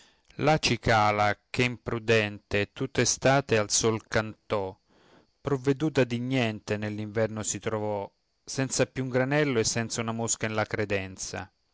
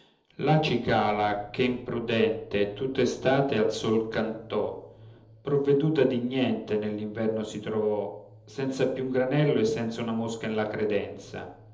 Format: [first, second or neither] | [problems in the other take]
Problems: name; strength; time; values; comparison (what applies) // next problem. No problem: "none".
first | room echo; dies away in 1.2 s